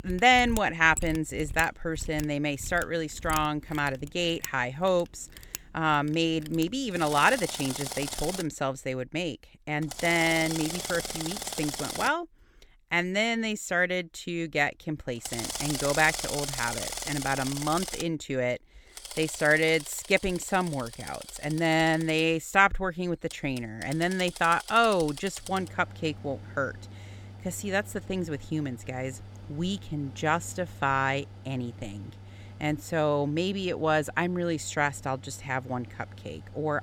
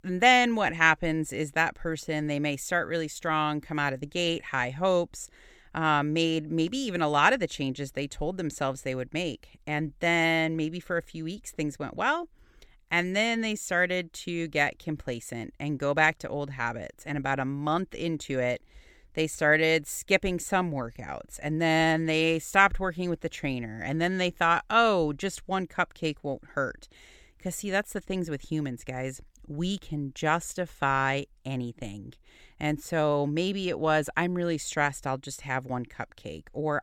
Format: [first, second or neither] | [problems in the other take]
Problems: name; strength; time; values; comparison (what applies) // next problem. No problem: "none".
second | machinery noise; noticeable; throughout; 10 dB below the speech